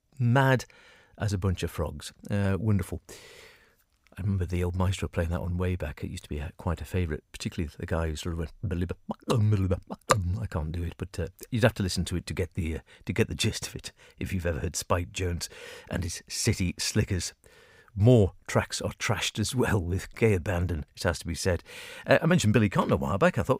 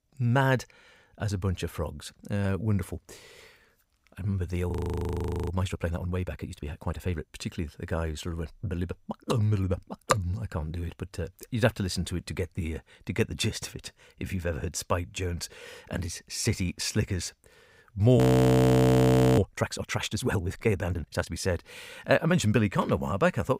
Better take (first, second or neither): first